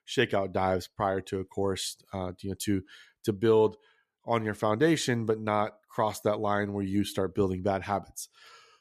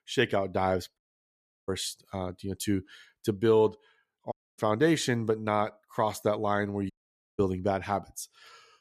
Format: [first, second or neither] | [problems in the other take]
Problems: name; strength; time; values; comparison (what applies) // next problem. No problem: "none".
first | audio cutting out; at 1 s for 0.5 s, at 4.5 s and at 7 s